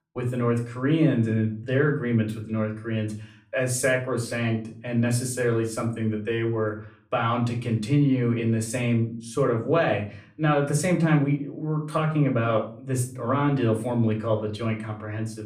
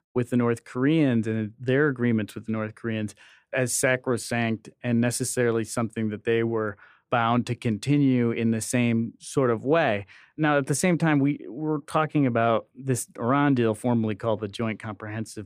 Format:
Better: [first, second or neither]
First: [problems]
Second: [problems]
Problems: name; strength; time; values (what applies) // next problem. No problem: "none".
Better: second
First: off-mic speech; far // room echo; slight; dies away in 0.4 s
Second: none